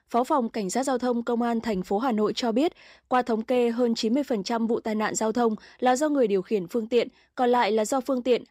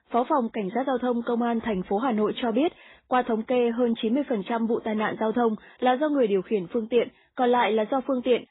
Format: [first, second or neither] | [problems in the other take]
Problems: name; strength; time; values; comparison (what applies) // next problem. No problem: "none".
first | garbled, watery; badly; nothing above 3.5 kHz